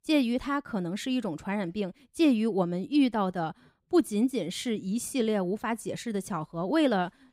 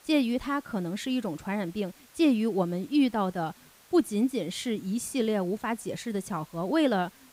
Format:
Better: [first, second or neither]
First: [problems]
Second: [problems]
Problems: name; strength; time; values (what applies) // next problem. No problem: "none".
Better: first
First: none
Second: hiss; faint; throughout; 25 dB below the speech